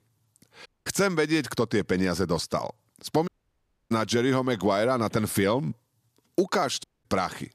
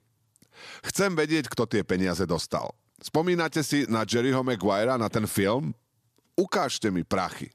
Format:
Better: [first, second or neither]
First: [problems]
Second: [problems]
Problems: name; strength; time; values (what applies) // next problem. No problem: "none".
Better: second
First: audio cutting out; at 0.5 s, at 3.5 s for 0.5 s and at 7 s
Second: none